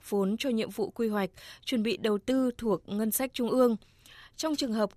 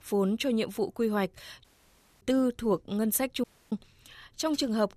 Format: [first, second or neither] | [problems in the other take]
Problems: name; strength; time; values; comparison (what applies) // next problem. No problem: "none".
first | audio cutting out; at 1.5 s for 0.5 s and at 3.5 s